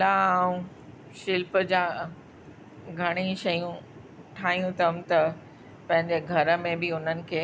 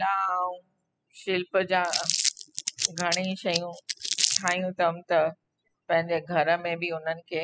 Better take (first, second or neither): first